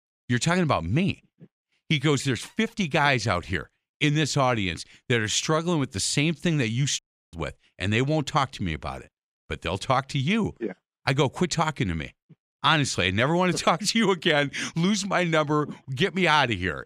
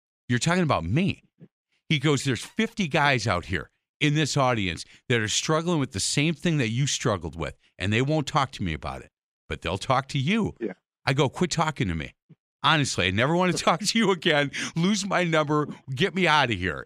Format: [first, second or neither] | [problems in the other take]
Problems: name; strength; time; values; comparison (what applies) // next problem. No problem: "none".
second | audio cutting out; at 7 s